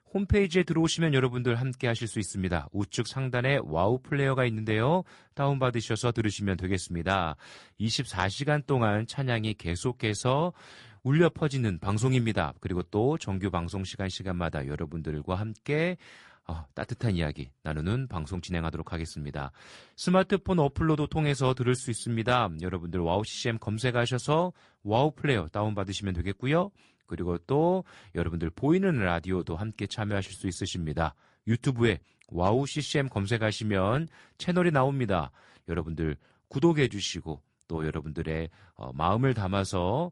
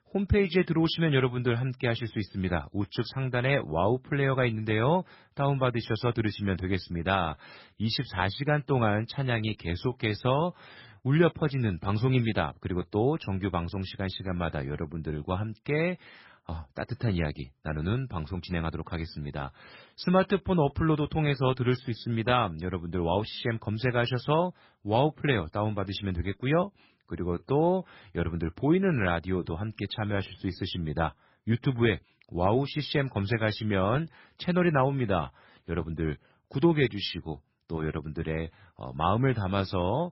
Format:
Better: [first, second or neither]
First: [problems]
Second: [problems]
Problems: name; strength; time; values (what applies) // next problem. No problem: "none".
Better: first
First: garbled, watery; slightly; nothing above 9 kHz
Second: garbled, watery; badly; nothing above 5.5 kHz